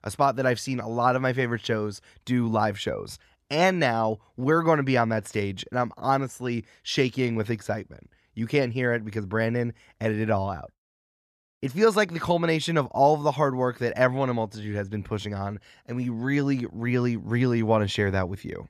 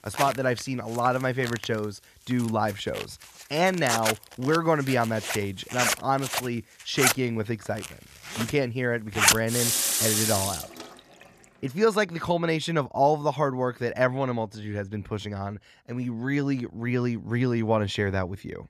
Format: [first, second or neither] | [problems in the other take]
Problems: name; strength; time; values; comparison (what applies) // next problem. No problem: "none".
first | household noises; very loud; until 12 s; 1 dB above the speech